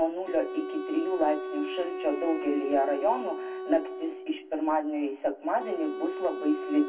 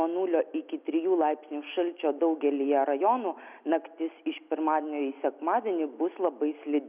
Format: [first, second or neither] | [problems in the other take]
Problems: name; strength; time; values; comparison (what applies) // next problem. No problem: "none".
second | background sound (Wind instrument, woodwind instrument); 8 dB below the speech // room echo; dies away in 0.1 s